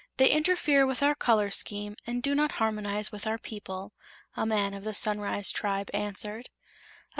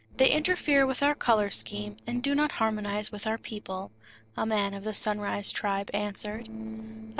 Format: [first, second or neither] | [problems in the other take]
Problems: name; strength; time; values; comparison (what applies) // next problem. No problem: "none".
first | noise reduction (neural separator model SepFormer DNS4)